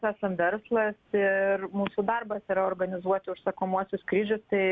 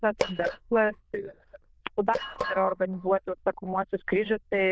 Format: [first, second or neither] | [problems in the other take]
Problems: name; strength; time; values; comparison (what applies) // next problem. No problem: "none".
first | noise reduction (neural diffusion model UNIVERSE++)